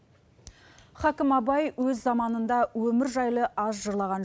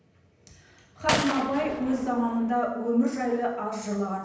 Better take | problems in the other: first | background sound (Gunshot, gunfire); 6 dB below the speech // room echo; dies away in 0.9 s

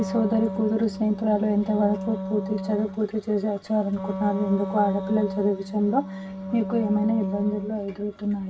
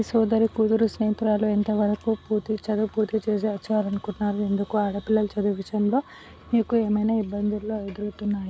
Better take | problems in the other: second | background sound (Wind instrument, woodwind instrument); 8 dB below the speech // room echo; dies away in 0.2 s

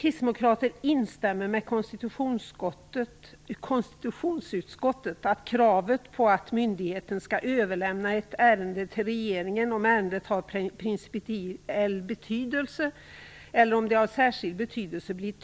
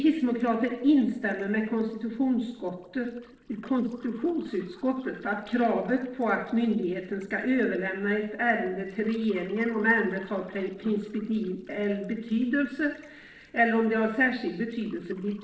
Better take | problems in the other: first | noise reduction (neural separator model SepFormer DNS4)

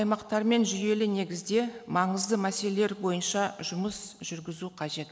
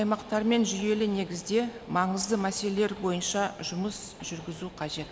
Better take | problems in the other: first | background sound (Train); 18 dB below the speech

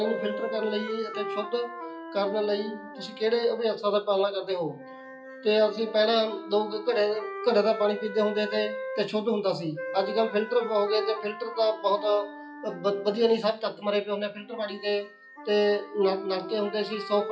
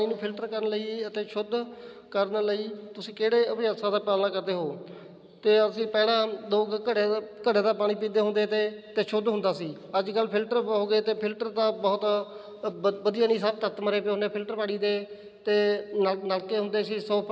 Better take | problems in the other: second | noise reduction (classical method WPE with log-MMSE)

